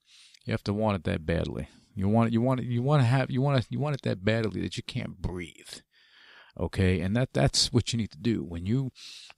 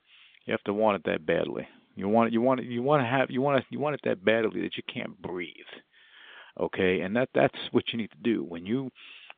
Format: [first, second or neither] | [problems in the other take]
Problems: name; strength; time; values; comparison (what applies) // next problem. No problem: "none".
first | phone-call audio